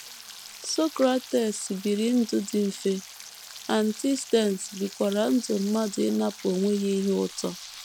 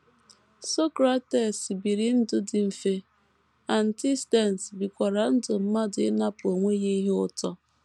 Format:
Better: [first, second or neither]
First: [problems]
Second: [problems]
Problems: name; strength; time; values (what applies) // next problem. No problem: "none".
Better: second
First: background sound (Frying (food)); 17 dB below the speech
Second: none